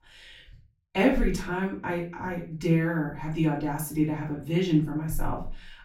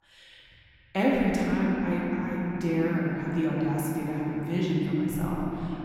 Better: first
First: room echo; slight; dies away in 0.3 s // off-mic speech; far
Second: room echo; strong; dies away in 3 s // off-mic speech; far

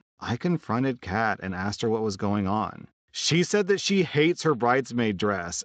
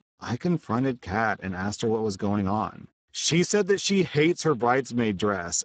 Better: first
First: garbled, watery; slightly; nothing above 7.5 kHz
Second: garbled, watery; badly; nothing above 7.5 kHz

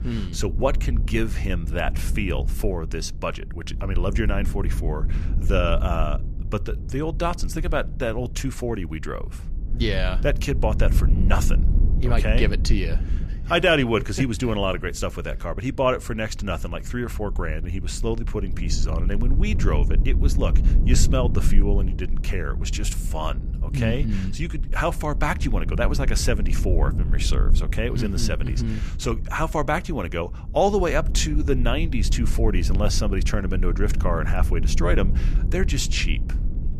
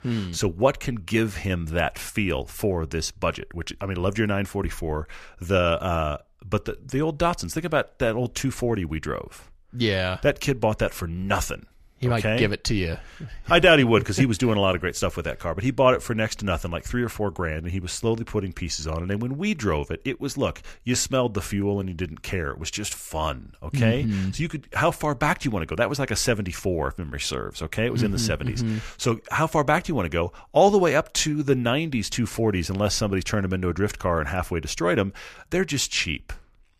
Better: second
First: low rumble; noticeable; throughout; 15 dB below the speech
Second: none

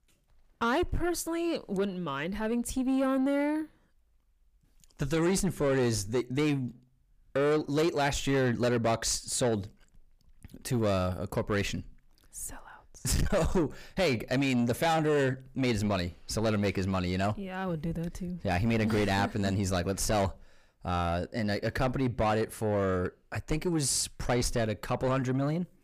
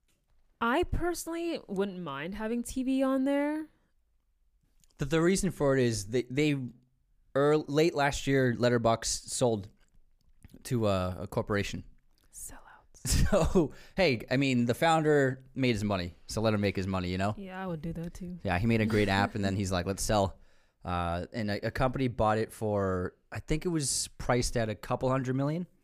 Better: second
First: distortion; slight; 10 dB below the speech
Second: none

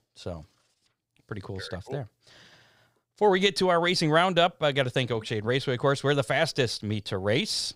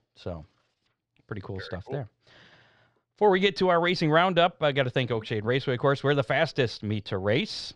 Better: first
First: none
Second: muffled; very slightly; fading above 3.5 kHz

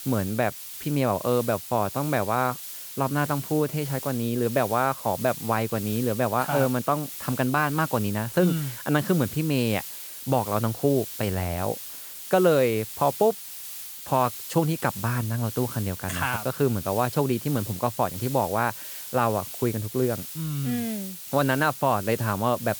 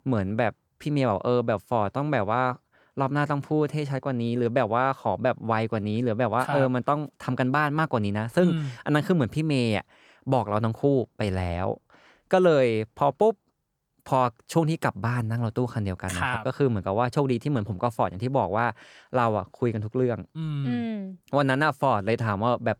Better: second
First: hiss; loud; throughout; 9 dB below the speech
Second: none

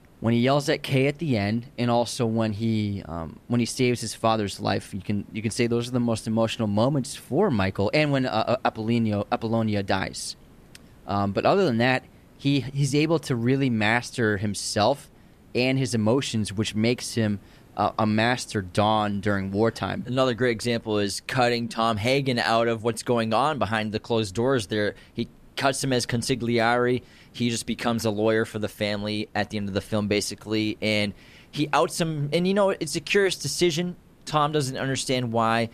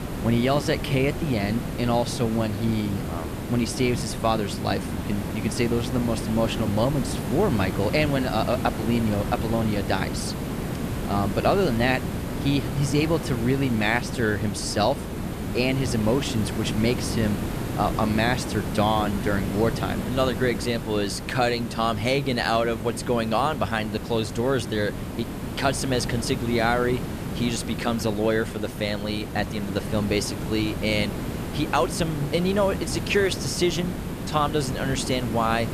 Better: first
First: hiss; faint; throughout; 30 dB below the speech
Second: hiss; loud; throughout; 5 dB below the speech

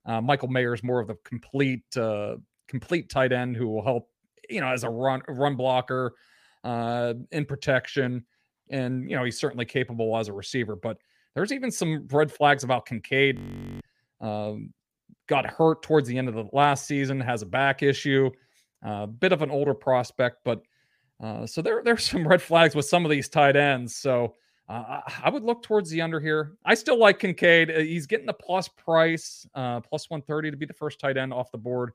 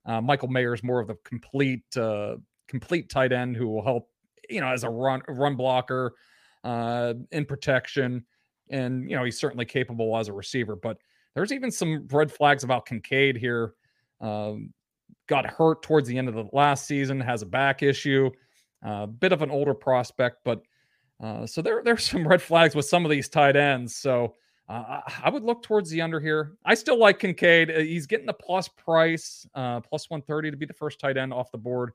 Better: second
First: audio freezing; at 13 s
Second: none

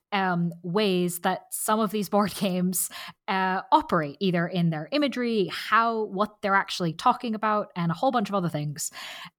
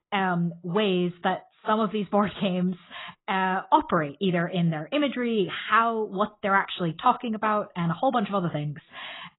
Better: first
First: none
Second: garbled, watery; badly; nothing above 4 kHz

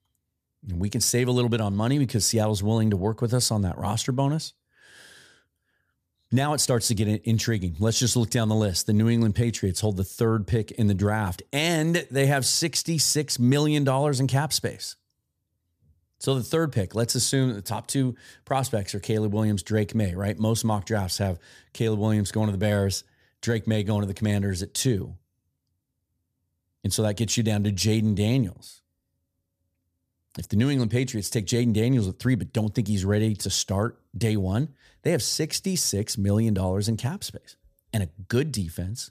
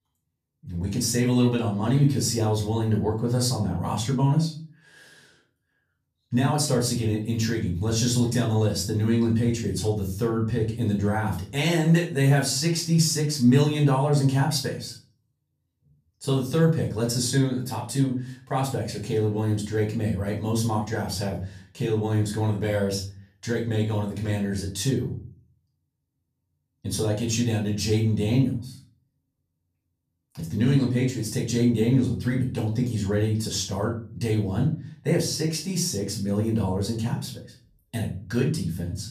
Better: first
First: none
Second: off-mic speech; far // room echo; slight; dies away in 0.4 s

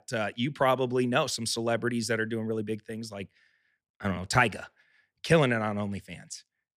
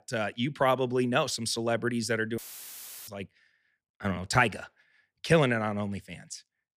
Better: first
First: none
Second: audio cutting out; filled with static; at 2.5 s for 0.5 s

